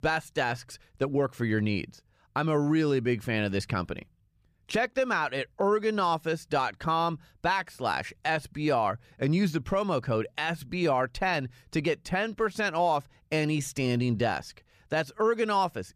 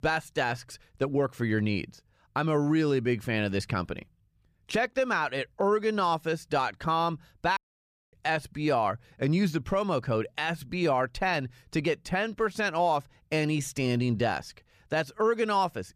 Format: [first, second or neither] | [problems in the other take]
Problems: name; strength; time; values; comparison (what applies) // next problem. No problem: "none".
first | audio cutting out; at 7.5 s for 0.5 s